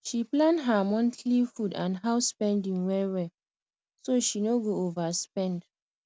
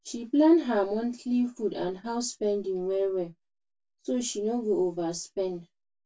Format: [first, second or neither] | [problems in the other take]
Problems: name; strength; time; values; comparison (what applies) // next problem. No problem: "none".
first | room echo; dies away in 0.1 s